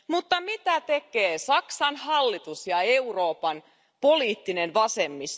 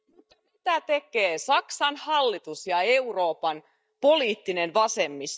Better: first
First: none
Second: noise reduction (neural mask model DeepFilterNet 3)

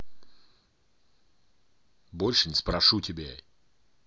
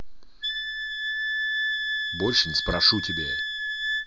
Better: first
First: none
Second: background sound (Wind instrument, woodwind instrument); as loud as the speech

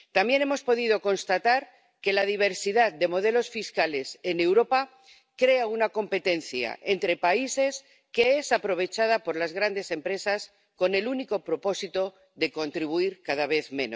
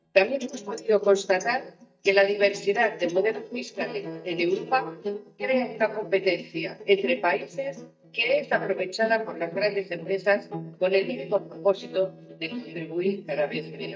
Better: first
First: none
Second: noise reduction (neural mask model DeepFilterNet 3)

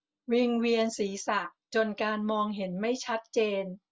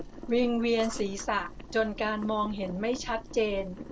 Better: first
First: none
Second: background sound (Boiling); 12 dB below the speech

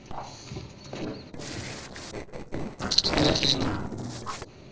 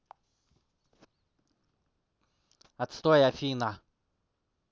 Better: second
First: noise reduction (neural separator model SepFormer DNS4)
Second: none

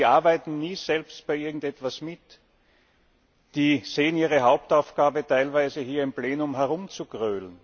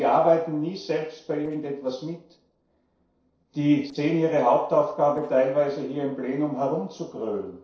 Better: first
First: none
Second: noise reduction (neural separator model SepFormer DNS4)

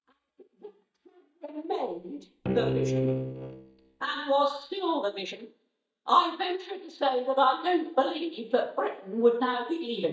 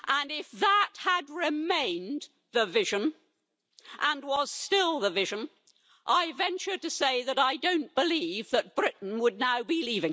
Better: second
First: noise reduction (neural mask model DeepFilterNet 3)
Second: none

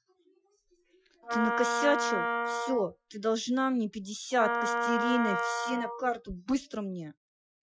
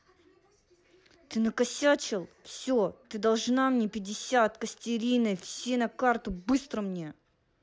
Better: second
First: noise reduction (classical method Wiener filter)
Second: none

